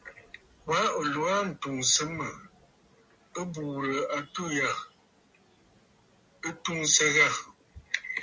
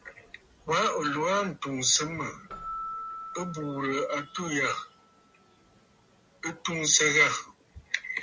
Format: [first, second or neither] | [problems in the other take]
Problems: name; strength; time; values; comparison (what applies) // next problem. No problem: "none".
first | background sound (Keyboard (musical)); 16 dB below the speech